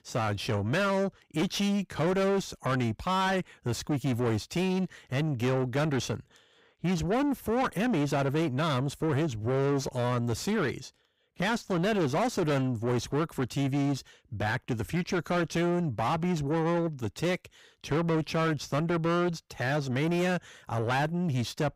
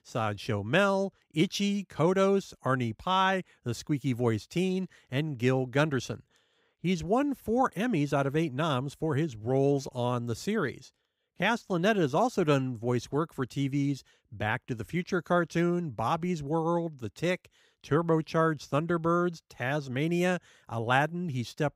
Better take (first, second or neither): second